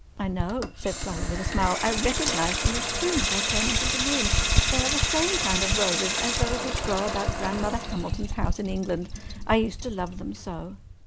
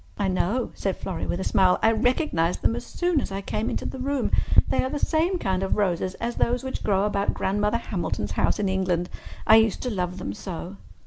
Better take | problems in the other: second | background sound (Sink (filling or washing) / Water tap, faucet); 2 dB below the speech

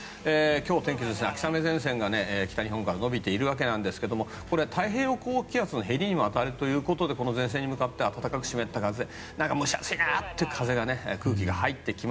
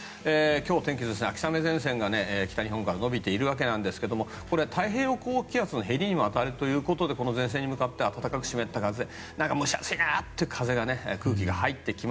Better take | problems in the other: second | background sound (Subway, metro, underground); 19 dB below the speech

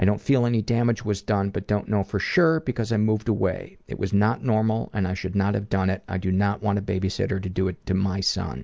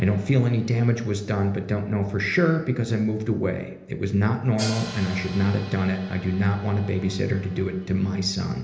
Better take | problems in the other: first | background sound (Hi-hat); 20 dB below the speech // room echo; dies away in 1 s

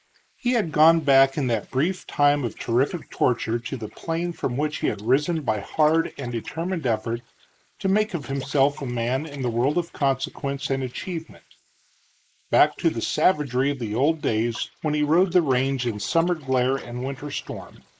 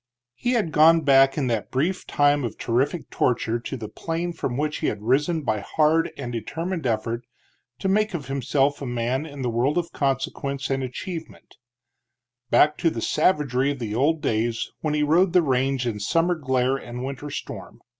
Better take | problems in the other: second | noise reduction (neural mask model Resemble Enhance denoiser)

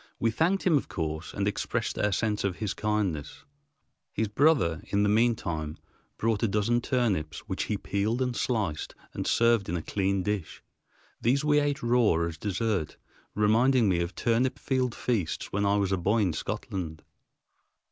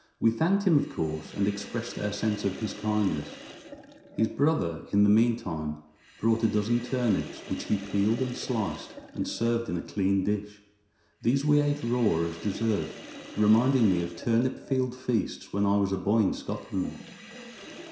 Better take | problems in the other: first | background sound (Sink (filling or washing)); 18 dB below the speech // room echo; dies away in 0.7 s

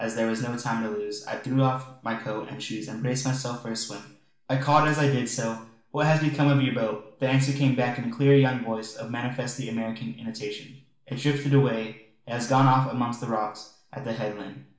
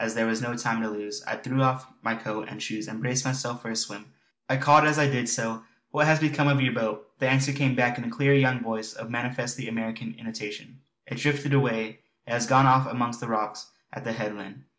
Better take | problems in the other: second | room echo; dies away in 0.5 s

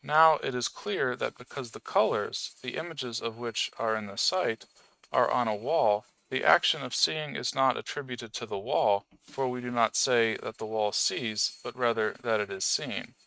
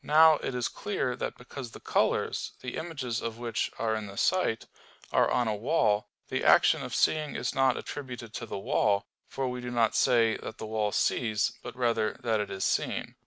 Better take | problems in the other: second | noise reduction (neural mask model RNNoise)

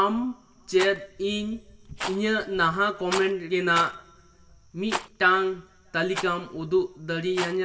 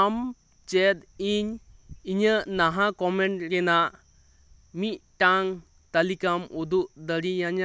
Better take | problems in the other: second | background sound (Rattle); 12 dB below the speech // room echo; dies away in 0.8 s

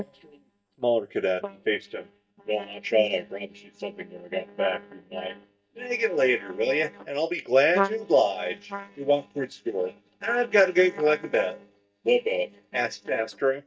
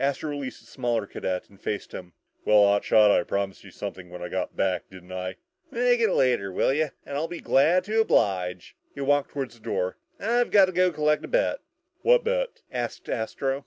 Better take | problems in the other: second | noise reduction (neural mask model DeepFilterNet 3)

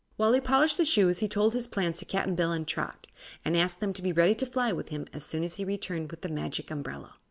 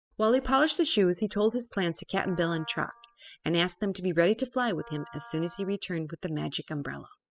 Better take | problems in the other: first | noise reduction (classical method spectral subtraction)

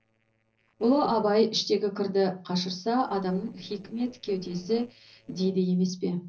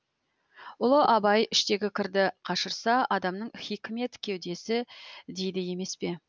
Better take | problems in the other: second | noise reduction (neural separator model SepFormer DNS4)

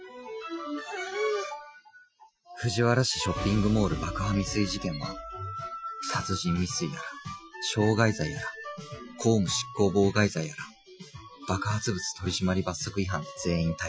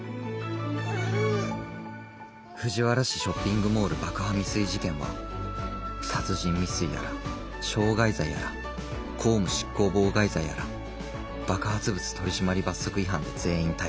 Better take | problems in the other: second | noise reduction (classical method Wiener filter)

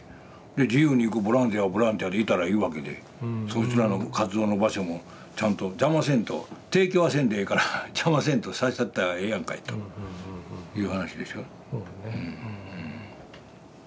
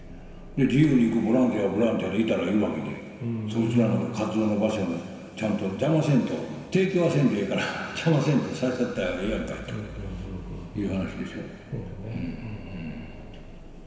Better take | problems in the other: first | background sound (Idling / Engine starting / Motor vehicle (road)); 20 dB below the speech // room echo; dies away in 2.2 s

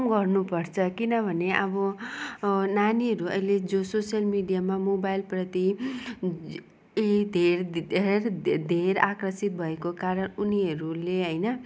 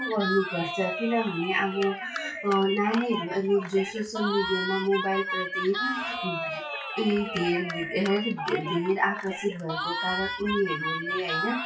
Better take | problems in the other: first | noise reduction (classical method WPE with log-MMSE)

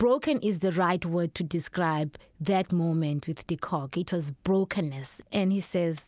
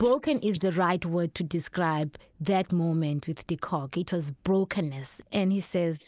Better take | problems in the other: first | noise reduction (neural mask model Resemble Enhance denoiser)

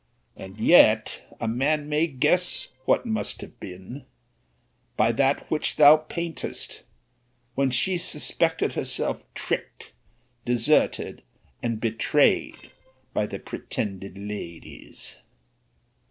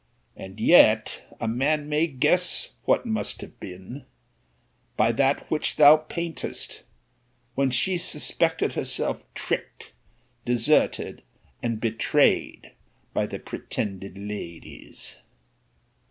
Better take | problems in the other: second | noise reduction (neural separator model SepFormer DNS4)

